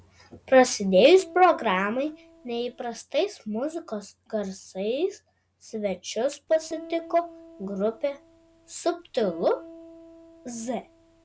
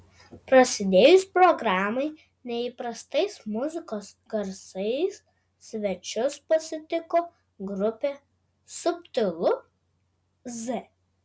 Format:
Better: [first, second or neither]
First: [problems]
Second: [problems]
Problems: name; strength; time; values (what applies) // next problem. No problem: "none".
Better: second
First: background sound (Piano); 19 dB below the speech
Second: none